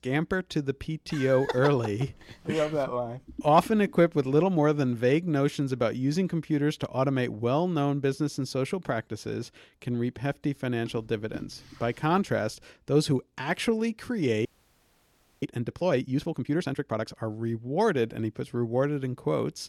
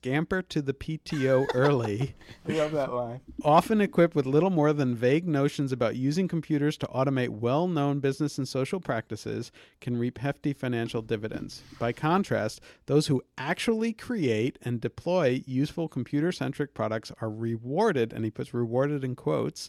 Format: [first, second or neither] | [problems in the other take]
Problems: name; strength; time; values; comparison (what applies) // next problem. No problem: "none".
second | audio freezing; at 14 s for 1 s